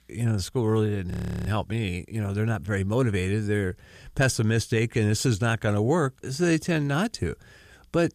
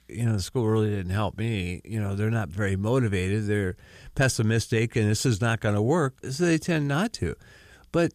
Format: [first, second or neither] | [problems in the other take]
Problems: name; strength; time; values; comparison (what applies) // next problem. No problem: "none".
second | audio freezing; at 1 s